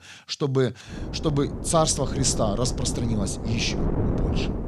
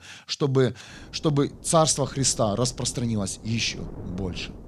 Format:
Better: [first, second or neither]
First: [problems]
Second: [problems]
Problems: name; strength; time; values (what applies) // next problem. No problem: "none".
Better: second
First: wind noise on the microphone; heavy; from 1 s on; 8 dB below the speech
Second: wind noise on the microphone; occasional gusts; from 1 s on; 20 dB below the speech